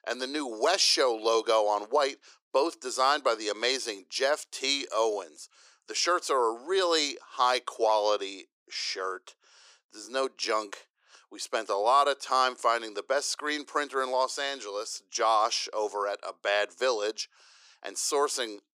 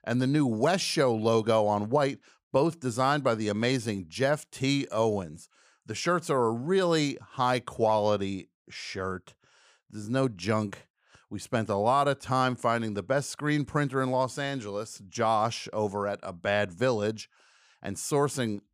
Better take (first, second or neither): second